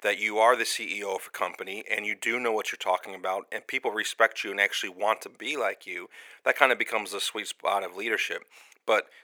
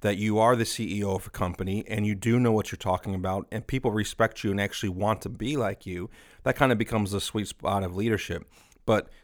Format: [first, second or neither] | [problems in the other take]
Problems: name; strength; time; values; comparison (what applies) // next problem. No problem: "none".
second | thin; very; fading below 450 Hz